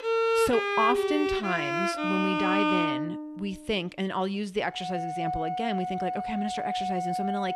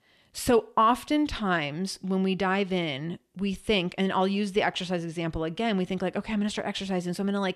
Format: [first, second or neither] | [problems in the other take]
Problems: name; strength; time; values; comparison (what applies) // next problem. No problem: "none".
second | background music; very loud; throughout; 2 dB above the speech